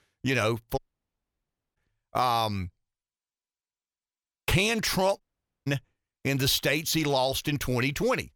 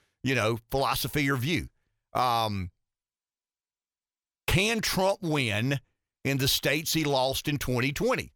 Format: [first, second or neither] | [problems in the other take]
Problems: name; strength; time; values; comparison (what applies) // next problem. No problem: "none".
second | audio cutting out; at 1 s for 1 s and at 5 s